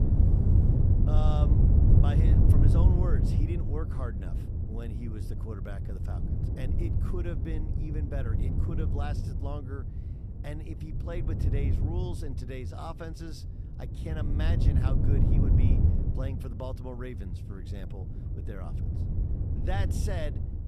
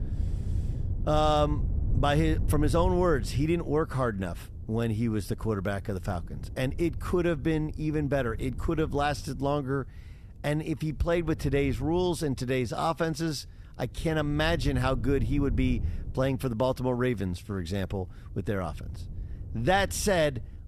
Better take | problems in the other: second | wind noise on the microphone; heavy; 1 dB above the speech; occasional gusts in the second

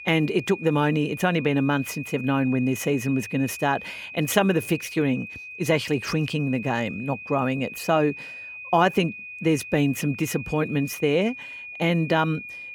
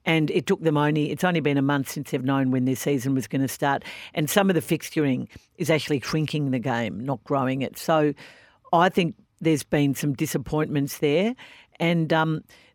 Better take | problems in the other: second | high-pitched whine; noticeable; throughout; 2.5 kHz, 10 dB below the speech

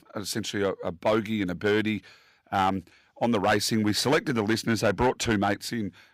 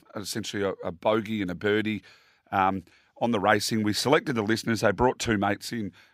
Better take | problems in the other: second | distortion; slight; 4% of the sound clipped

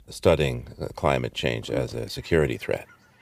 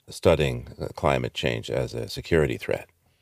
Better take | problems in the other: second | animal sounds; noticeable; throughout; 20 dB below the speech

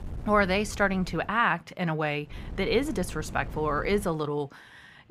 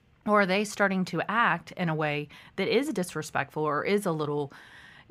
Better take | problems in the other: second | wind noise on the microphone; occasional gusts; until 1.5 s and from 2.5 to 4 s; 25 dB below the speech

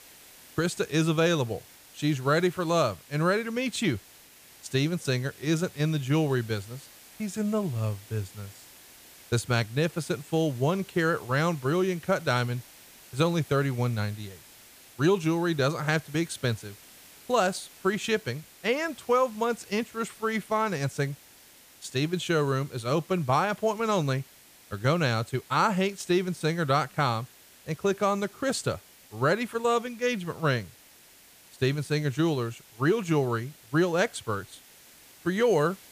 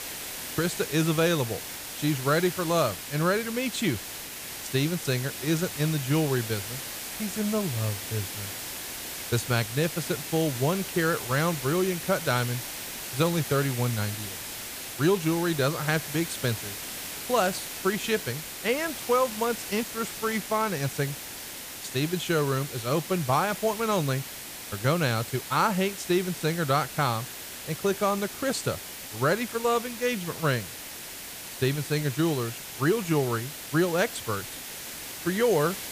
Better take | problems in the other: first | hiss; loud; throughout; 7 dB below the speech; faint in the first

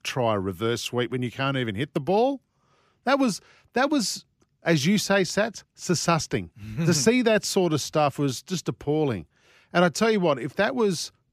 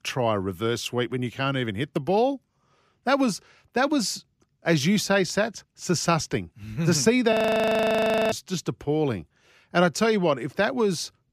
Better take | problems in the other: first | audio freezing; at 7.5 s for 1 s

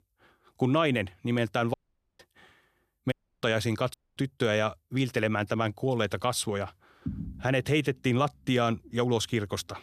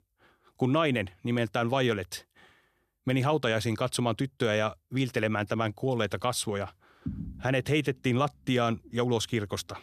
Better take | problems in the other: second | audio cutting out; at 1.5 s, at 3 s and at 4 s

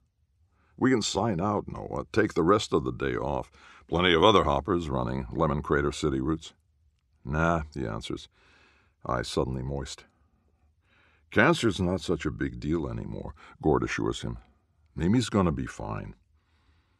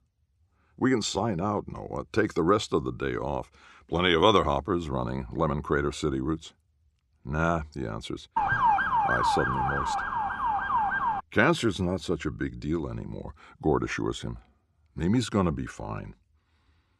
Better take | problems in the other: first | siren; loud; from 8.5 to 11 s; peak 5 dB above the speech

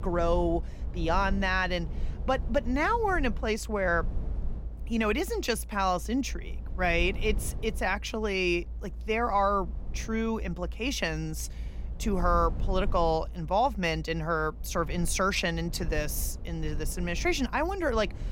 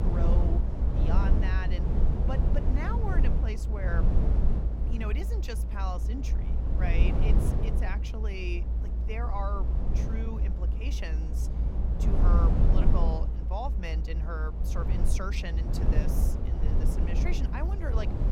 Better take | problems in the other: first | low rumble; loud; throughout; 2 dB below the speech; faint in the first

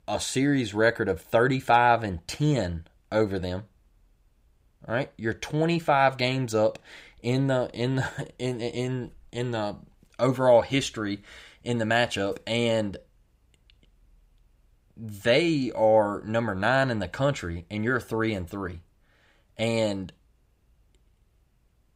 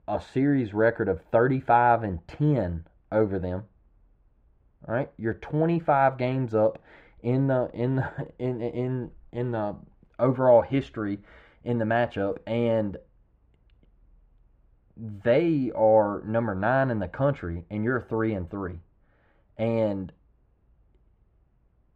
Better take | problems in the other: first | muffled; very; fading above 3 kHz

